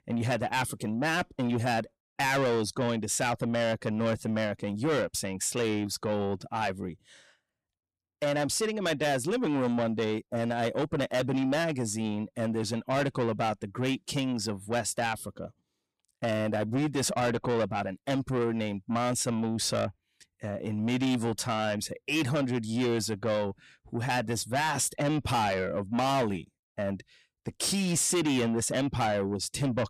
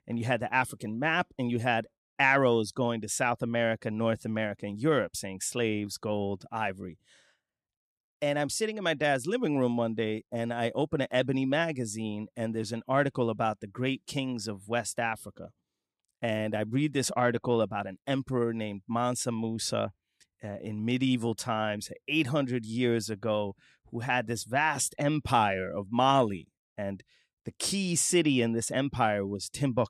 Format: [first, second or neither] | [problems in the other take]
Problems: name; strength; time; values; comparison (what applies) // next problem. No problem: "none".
second | distortion; heavy; 7 dB below the speech